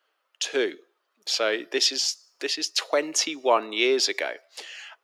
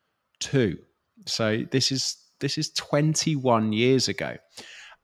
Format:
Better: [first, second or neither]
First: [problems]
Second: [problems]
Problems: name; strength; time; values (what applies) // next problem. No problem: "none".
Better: second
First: thin; very; fading below 350 Hz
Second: none